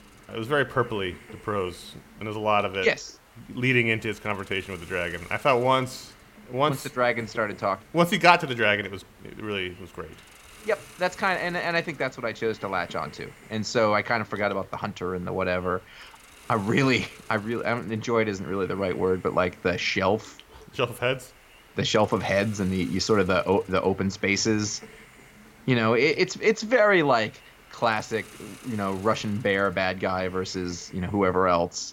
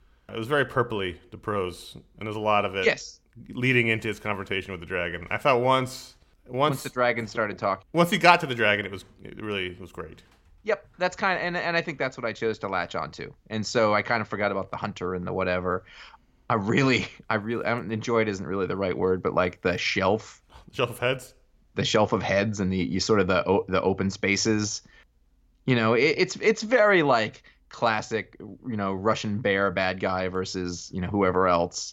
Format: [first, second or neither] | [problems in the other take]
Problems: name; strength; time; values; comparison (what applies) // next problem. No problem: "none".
second | hiss; faint; throughout; 25 dB below the speech